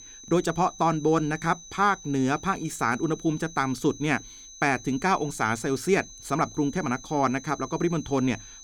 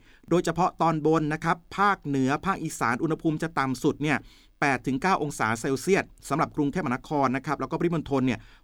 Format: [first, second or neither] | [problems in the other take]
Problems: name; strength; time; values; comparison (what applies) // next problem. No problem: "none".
second | high-pitched whine; noticeable; throughout; 6 kHz, 15 dB below the speech